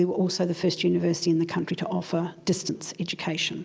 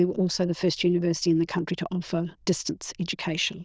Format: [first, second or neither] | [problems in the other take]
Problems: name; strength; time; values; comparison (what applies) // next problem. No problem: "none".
first | noise reduction (neural diffusion model UNIVERSE++)